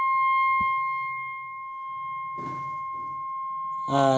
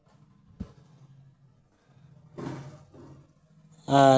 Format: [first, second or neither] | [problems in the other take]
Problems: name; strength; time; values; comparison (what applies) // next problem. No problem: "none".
second | background sound (Wind instrument, woodwind instrument); 4 dB above the speech